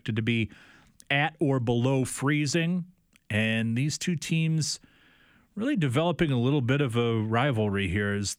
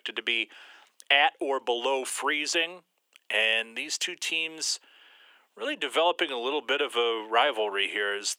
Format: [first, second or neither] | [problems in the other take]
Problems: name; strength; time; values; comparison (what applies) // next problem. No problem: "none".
first | thin; very; fading below 400 Hz